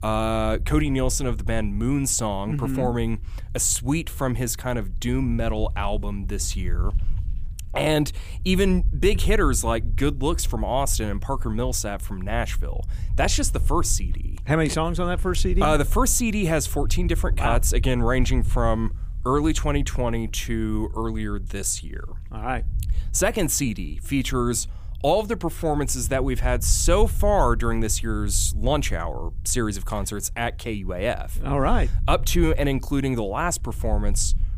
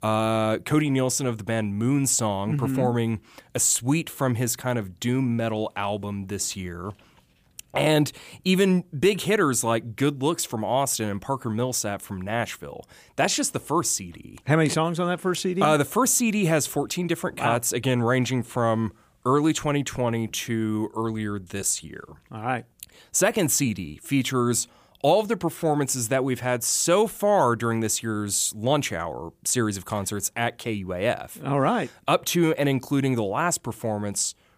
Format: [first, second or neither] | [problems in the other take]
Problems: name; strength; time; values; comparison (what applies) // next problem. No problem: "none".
second | low rumble; faint; throughout; 25 dB below the speech